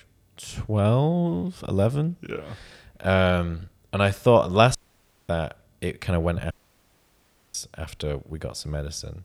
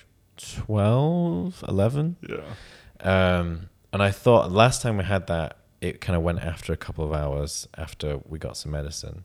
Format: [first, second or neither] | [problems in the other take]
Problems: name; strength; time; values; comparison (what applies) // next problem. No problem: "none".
second | audio cutting out; at 5 s for 0.5 s and at 6.5 s for 1 s